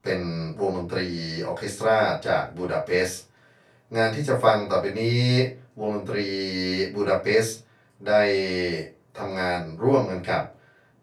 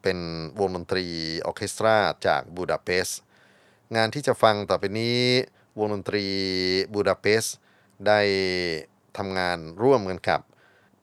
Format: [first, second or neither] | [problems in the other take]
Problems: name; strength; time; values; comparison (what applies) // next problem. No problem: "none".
second | off-mic speech; far // room echo; slight; dies away in 0.2 s